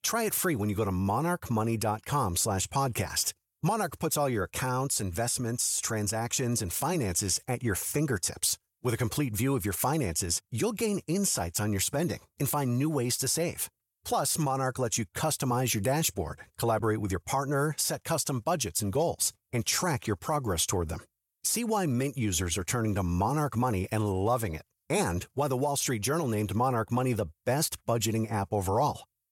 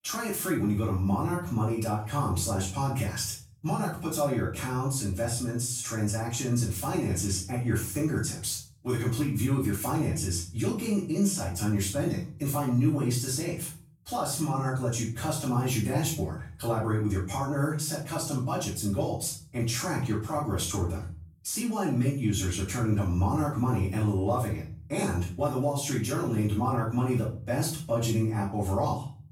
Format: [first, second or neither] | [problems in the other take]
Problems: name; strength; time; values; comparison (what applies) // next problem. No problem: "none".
first | room echo; noticeable; dies away in 0.5 s // off-mic speech; far